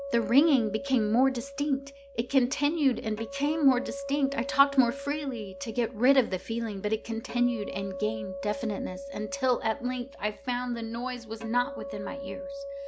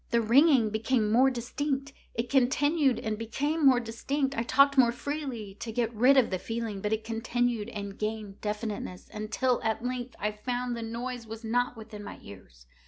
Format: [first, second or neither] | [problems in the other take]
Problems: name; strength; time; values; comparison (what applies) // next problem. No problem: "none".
second | background sound (Acoustic guitar); 11 dB below the speech